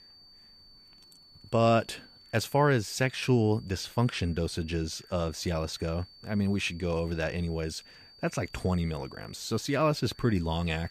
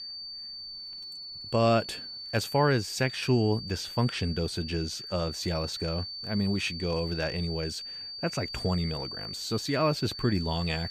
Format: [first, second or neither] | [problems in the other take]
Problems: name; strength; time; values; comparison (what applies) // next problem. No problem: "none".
first | high-pitched whine; loud; throughout; 4.5 kHz, 7 dB below the speech; faint in the first